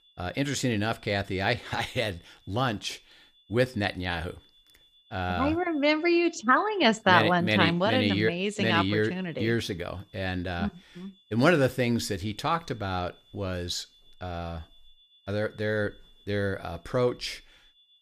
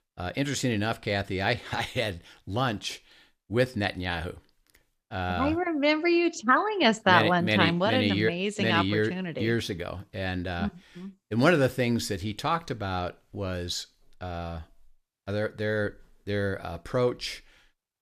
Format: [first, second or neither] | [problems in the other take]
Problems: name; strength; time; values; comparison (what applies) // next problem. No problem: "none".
second | high-pitched whine; faint; throughout; 3.5 kHz, 30 dB below the speech